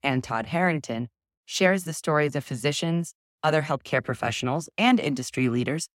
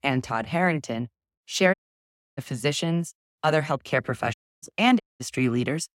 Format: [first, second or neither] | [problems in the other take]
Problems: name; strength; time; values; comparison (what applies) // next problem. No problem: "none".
first | audio cutting out; at 1.5 s for 0.5 s, at 4.5 s and at 5 s